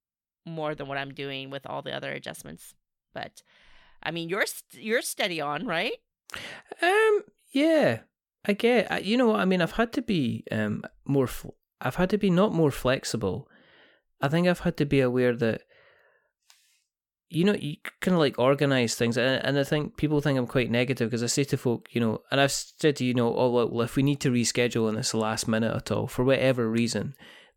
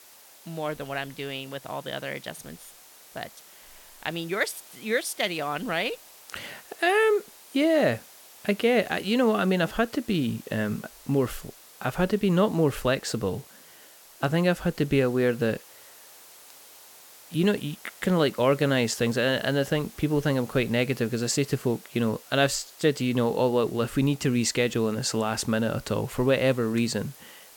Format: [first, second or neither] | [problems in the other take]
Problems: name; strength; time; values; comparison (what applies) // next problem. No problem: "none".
first | hiss; faint; throughout; 20 dB below the speech